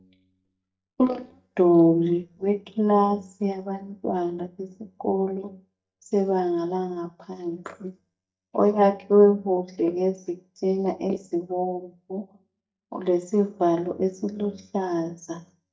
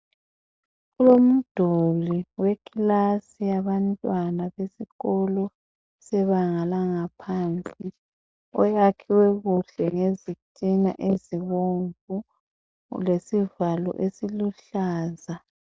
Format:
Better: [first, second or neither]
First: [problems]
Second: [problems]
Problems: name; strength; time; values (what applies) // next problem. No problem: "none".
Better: second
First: noise reduction (neural mask model DeepFilterNet 3)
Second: none